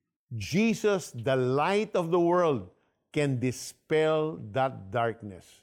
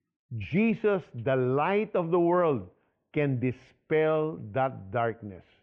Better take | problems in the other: first | muffled; very; fading above 2.5 kHz

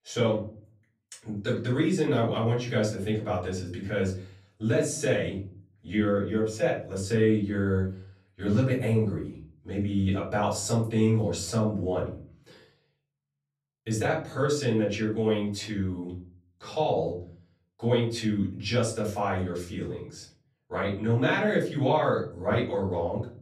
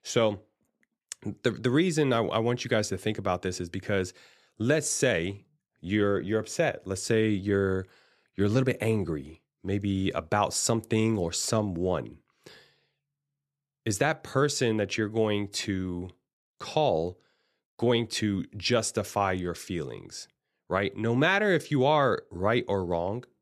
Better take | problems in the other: second | off-mic speech; far // room echo; slight; dies away in 0.5 s

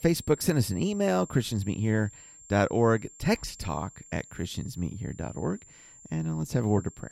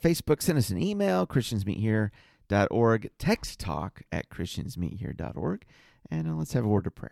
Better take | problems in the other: second | high-pitched whine; noticeable; throughout; 7.5 kHz, 20 dB below the speech

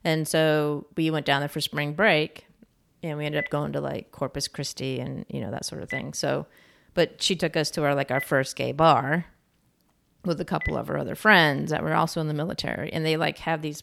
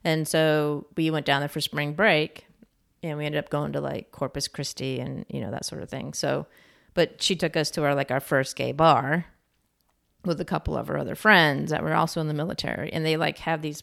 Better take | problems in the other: second | phone ringing; noticeable; from 3.5 to 11 s; peak 9 dB below the speech

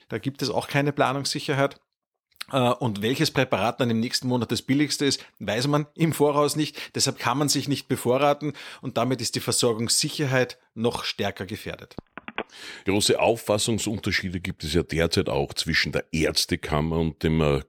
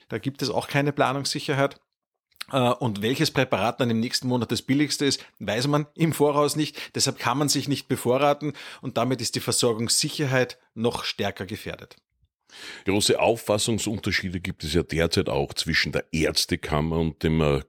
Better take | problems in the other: second | phone ringing; faint; at 12 s; peak 10 dB below the speech

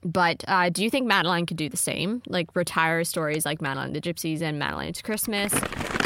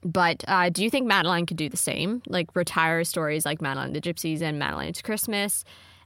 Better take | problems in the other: second | household noises; loud; throughout; 9 dB below the speech

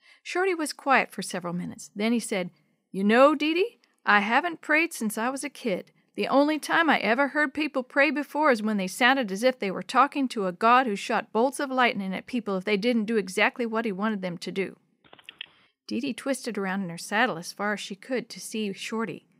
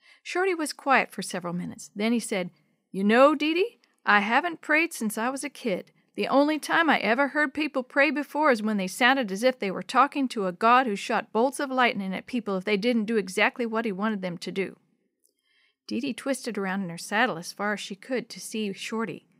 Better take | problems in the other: second | phone ringing; faint; at 15 s; peak 15 dB below the speech

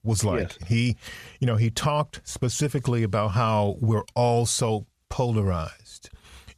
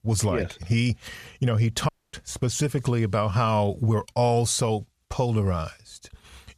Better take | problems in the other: first | audio cutting out; at 2 s

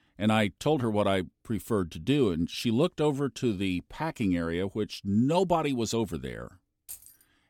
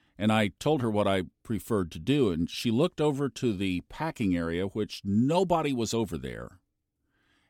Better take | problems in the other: second | jangling keys; faint; at 7 s; peak 15 dB below the speech

